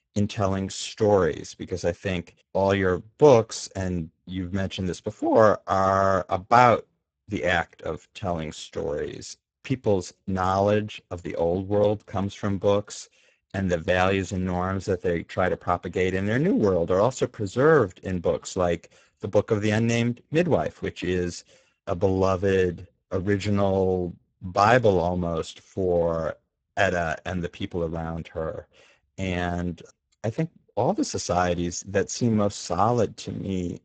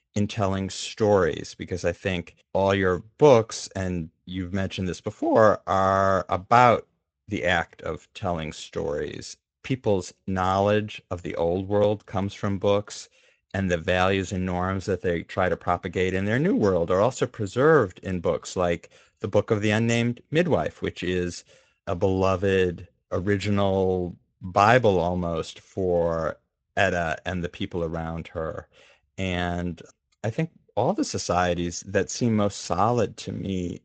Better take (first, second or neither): second